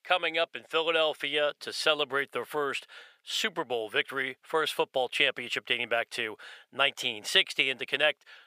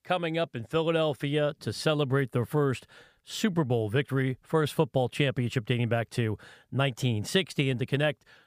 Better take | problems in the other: second | thin; very; fading below 600 Hz

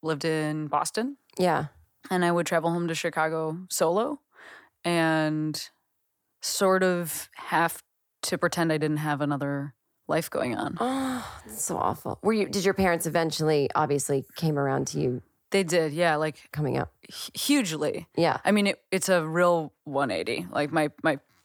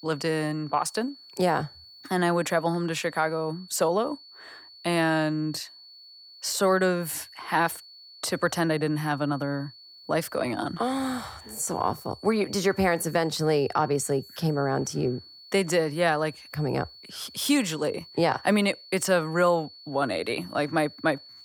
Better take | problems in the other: first | high-pitched whine; noticeable; throughout; 4.5 kHz, 20 dB below the speech

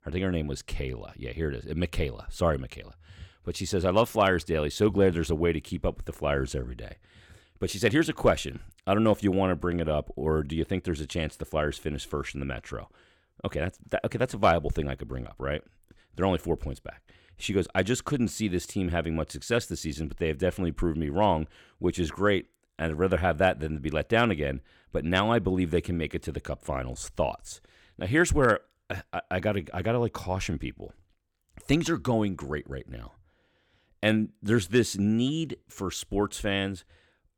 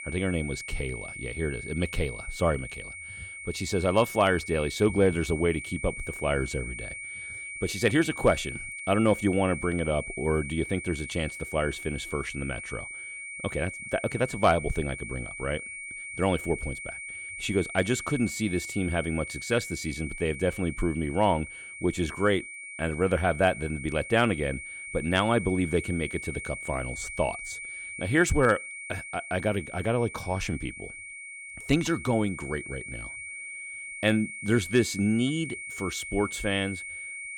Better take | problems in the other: first | high-pitched whine; loud; throughout; 2 kHz, 9 dB below the speech

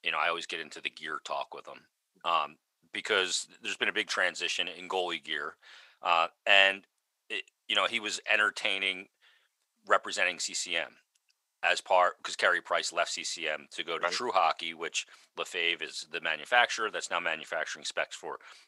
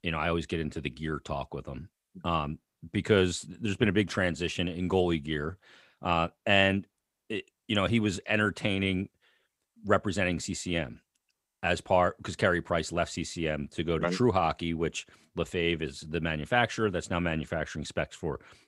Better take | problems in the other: second | thin; very; fading below 850 Hz

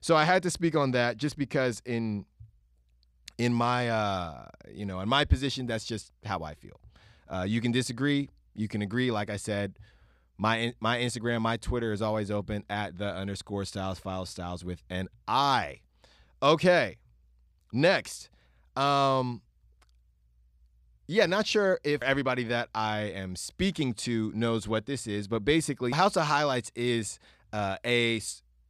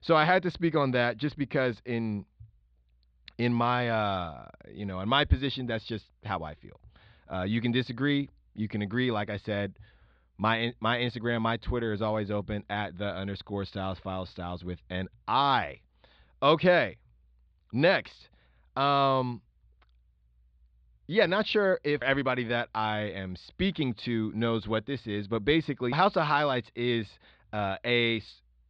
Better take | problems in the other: first | muffled; slightly; fading above 4 kHz

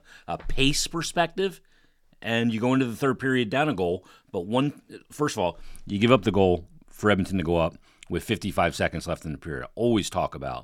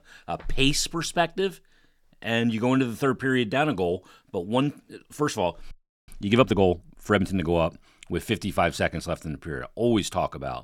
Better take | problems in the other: first | audio freezing; at 5.5 s

